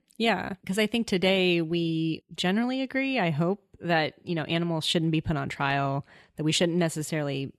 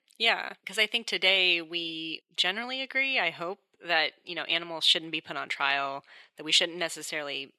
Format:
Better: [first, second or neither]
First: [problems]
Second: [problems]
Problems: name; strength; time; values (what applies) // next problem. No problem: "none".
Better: first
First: none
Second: thin; very; fading below 500 Hz